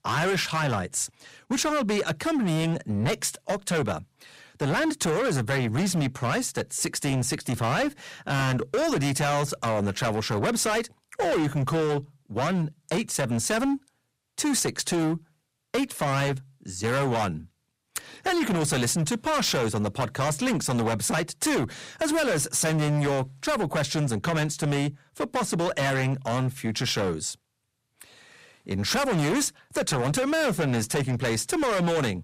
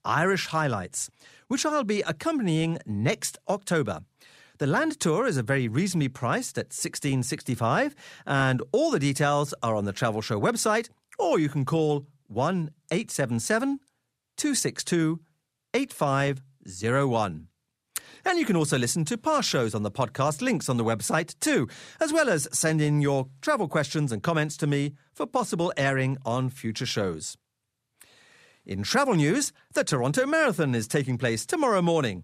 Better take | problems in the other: second | distortion; heavy; 20% of the sound clipped

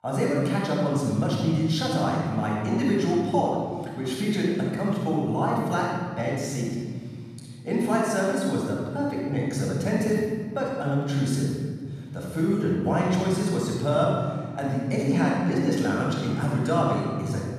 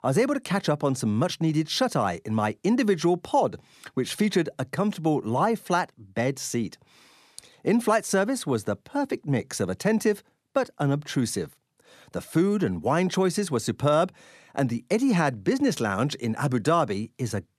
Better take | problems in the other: second | off-mic speech; far // room echo; strong; dies away in 2.8 s

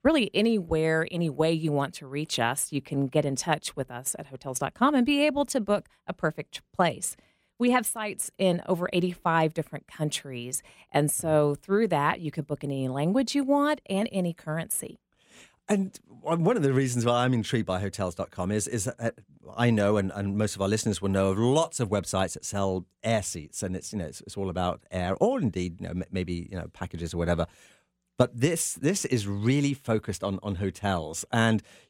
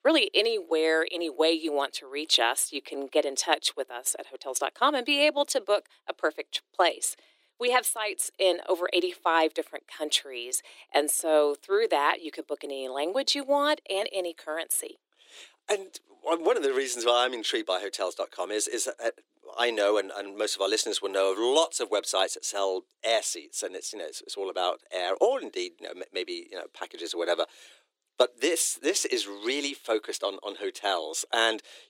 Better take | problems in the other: first | thin; very; fading below 300 Hz

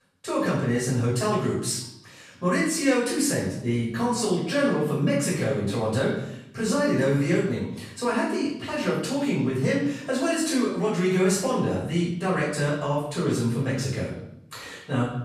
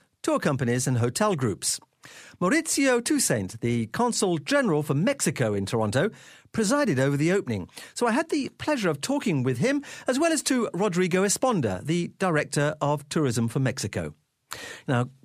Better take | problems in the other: second | off-mic speech; far // room echo; noticeable; dies away in 0.7 s

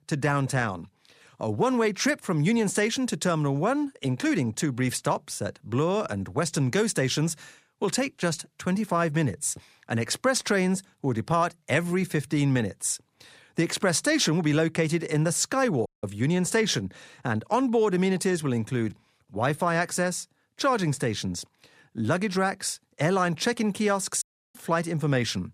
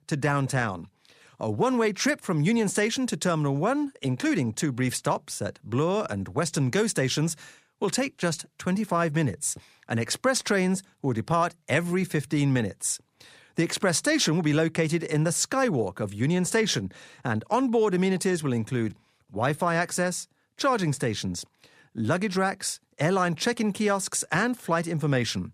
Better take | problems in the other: second | audio cutting out; at 16 s and at 24 s

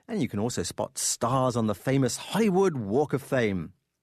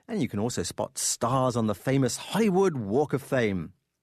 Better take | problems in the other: neither | none

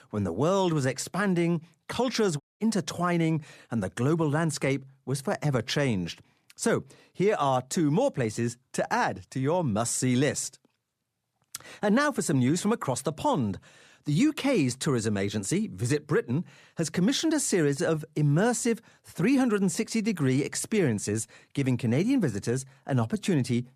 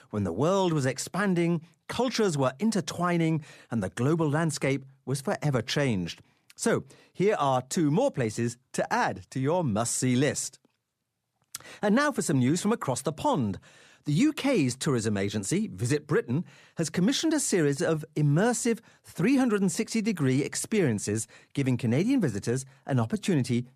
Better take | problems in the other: second | audio cutting out; at 2.5 s

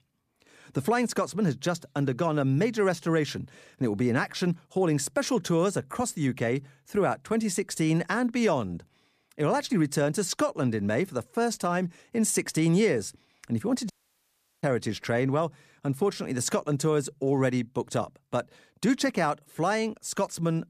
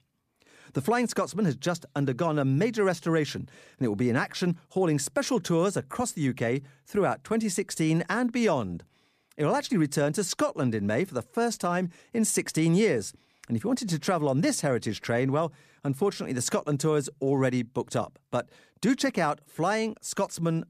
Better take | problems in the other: second | audio cutting out; at 14 s for 0.5 s

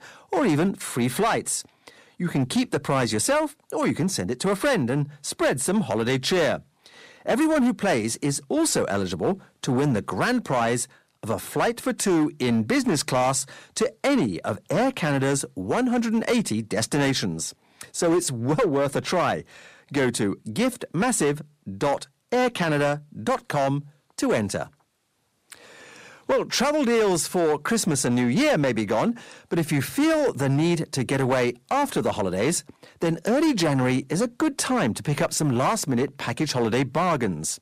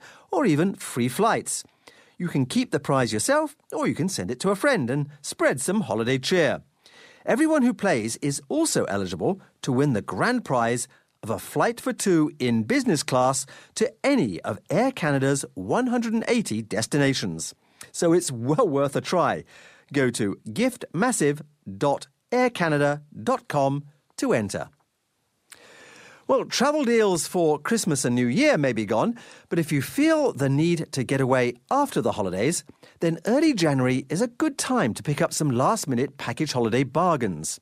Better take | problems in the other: second | distortion; slight; 9% of the sound clipped

